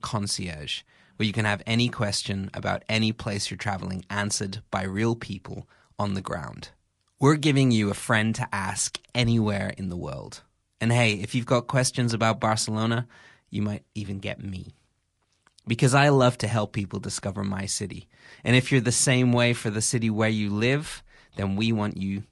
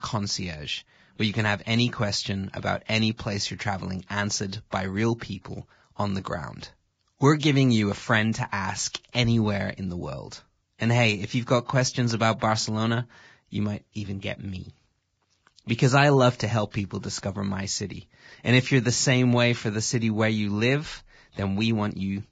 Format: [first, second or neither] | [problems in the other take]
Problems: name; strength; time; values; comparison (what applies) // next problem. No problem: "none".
first | garbled, watery; badly; nothing above 7.5 kHz; slightly in the first